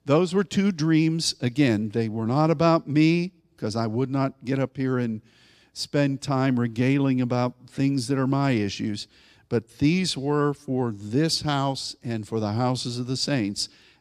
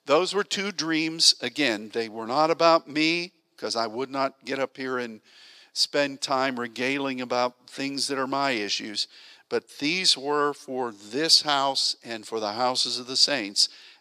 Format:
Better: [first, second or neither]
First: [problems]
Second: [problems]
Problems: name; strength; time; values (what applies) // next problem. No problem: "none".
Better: first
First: none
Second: thin; somewhat; fading below 550 Hz